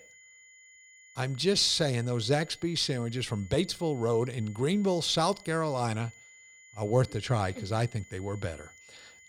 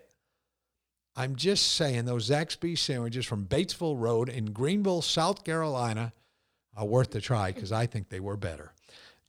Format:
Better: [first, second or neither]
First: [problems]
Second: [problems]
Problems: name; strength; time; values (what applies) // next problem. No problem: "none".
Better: second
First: high-pitched whine; faint; throughout; 2 kHz, 25 dB below the speech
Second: none